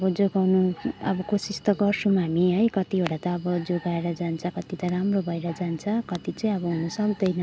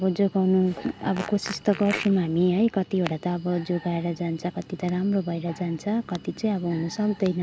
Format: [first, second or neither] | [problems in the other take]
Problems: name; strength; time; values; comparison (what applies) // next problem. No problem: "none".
first | background sound (Fart); 14 dB below the speech